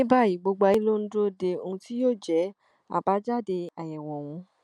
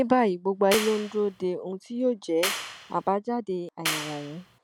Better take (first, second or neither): first